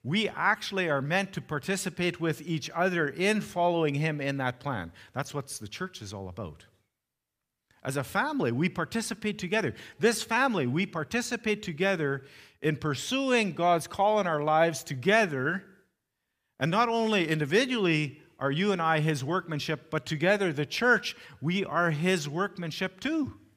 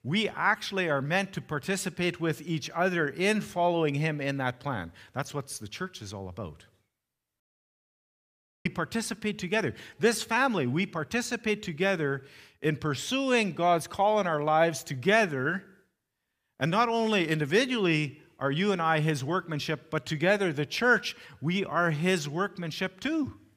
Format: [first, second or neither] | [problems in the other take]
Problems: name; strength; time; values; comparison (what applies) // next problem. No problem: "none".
first | audio cutting out; at 7.5 s for 1.5 s